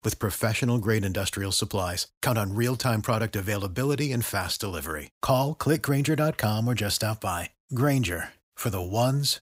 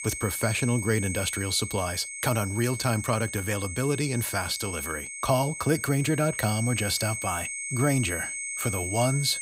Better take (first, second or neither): first